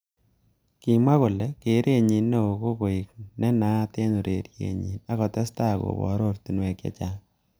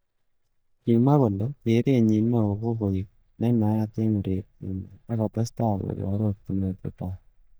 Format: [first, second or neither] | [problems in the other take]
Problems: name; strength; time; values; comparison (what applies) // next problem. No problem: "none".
first | noise reduction (neural mask model DeepFilterNet 3)